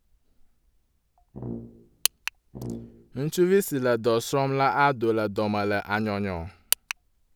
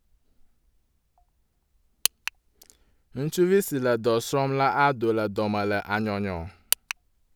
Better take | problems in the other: second | background sound (Brass instrument); 13 dB below the speech

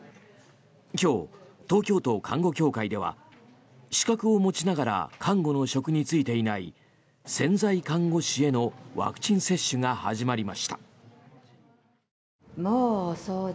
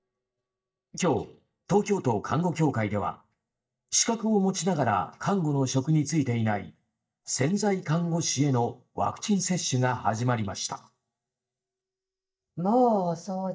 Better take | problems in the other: first | noise reduction (neural mask model DeepFilterNet 3)

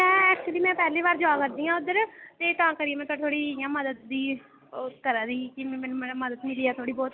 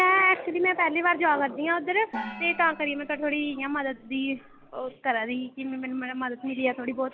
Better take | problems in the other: first | background sound (Gong); 15 dB below the speech

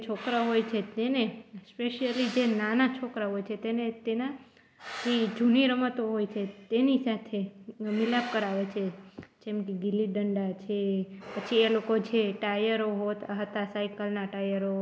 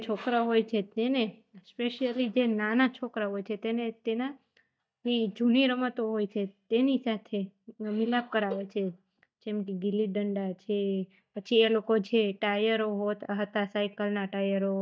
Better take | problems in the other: first | noise reduction (neural mask model DeepFilterNet 3)

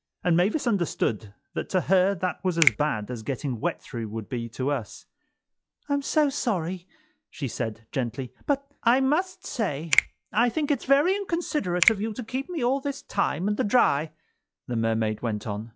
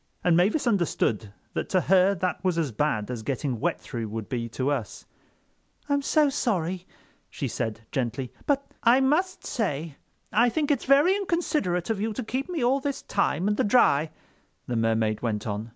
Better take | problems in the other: second | noise reduction (classical method log-MMSE)

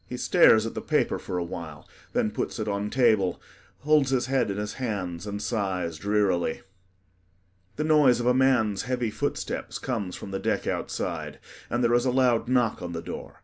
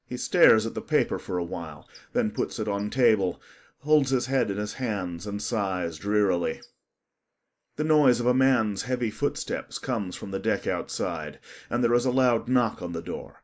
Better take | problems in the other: first | noise reduction (neural mask model Resemble Enhance denoiser)

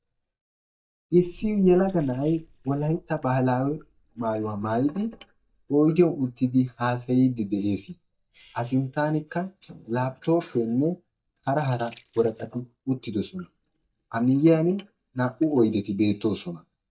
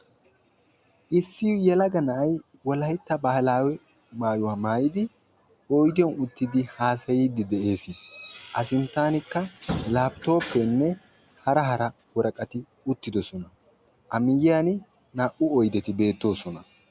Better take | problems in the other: second | noise reduction (neural mask model DeepFilterNet 3)

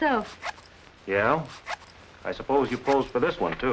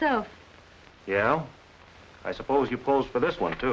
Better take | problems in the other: second | background sound (Zipper (clothing)); 16 dB below the speech

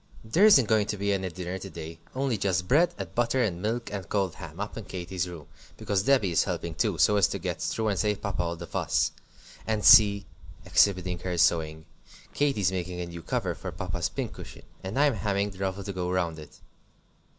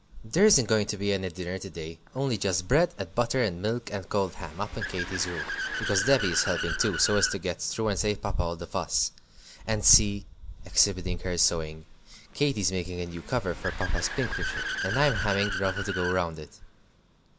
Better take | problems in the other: first | background sound (Accelerating, revving, vroom / Car); 10 dB below the speech

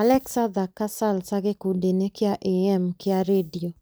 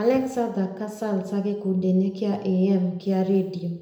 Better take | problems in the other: first | room echo; dies away in 0.8 s

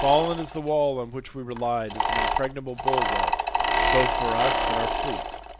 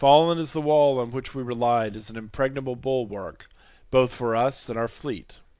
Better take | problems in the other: second | background sound (Mechanisms); 1 dB above the speech

